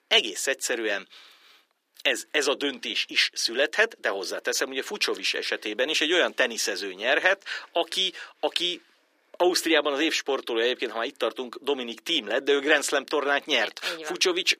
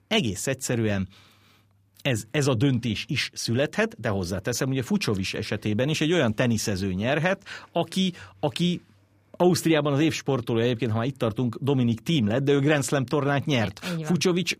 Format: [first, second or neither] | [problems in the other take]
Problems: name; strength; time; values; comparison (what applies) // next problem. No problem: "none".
second | thin; very; fading below 350 Hz